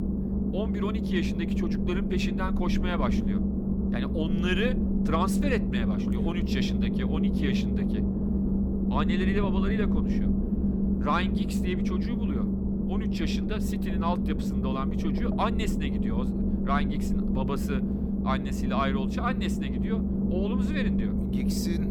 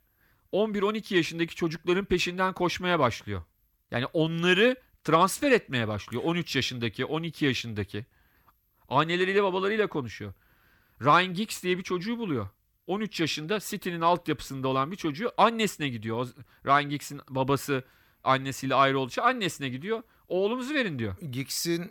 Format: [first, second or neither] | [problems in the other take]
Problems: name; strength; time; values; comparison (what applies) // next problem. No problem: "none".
second | low rumble; loud; throughout; 1 dB below the speech